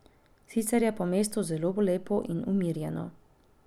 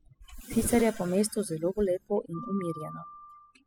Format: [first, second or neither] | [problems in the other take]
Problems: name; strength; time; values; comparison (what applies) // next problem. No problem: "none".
first | noise reduction (classical method spectral subtraction)